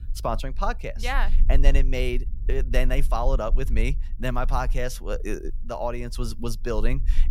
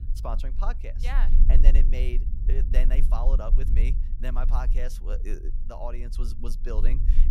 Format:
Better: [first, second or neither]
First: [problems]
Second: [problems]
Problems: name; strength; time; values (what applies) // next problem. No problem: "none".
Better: first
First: low rumble; faint; throughout; 20 dB below the speech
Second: low rumble; loud; throughout; 10 dB below the speech